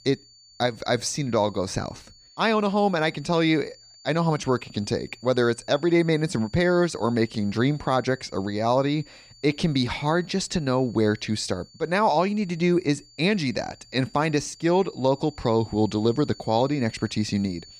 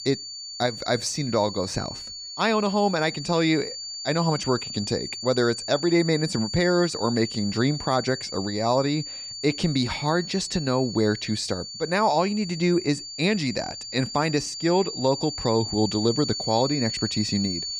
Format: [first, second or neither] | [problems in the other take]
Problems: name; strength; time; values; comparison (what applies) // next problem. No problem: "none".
first | high-pitched whine; loud; throughout; 4.5 kHz, 7 dB below the speech; faint in the first